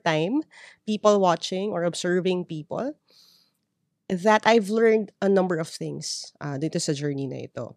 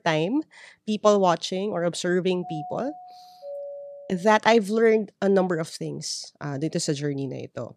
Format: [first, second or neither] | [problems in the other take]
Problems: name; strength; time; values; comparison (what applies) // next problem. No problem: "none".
first | doorbell; faint; from 2.5 to 4.5 s; peak 10 dB below the speech